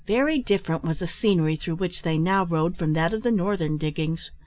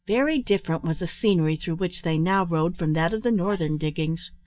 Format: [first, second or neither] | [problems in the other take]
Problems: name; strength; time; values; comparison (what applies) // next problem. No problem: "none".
first | noise reduction (neural mask model DeepFilterNet 3)